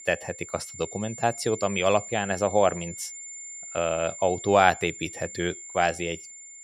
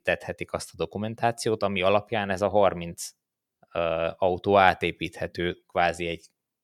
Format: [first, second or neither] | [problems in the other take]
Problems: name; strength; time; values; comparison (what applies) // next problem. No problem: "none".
second | high-pitched whine; noticeable; throughout; 7 kHz, 10 dB below the speech